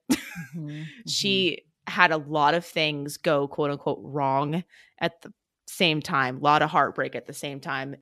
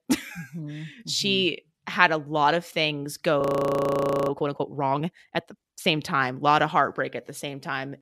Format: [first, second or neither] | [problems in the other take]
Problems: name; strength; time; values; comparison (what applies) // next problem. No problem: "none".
first | audio freezing; at 3.5 s for 1 s